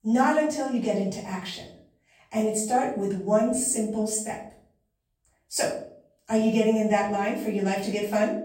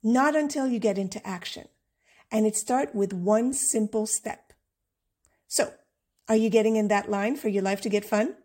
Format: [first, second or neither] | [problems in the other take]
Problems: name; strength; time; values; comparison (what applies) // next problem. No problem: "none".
second | off-mic speech; far // room echo; noticeable; dies away in 0.5 s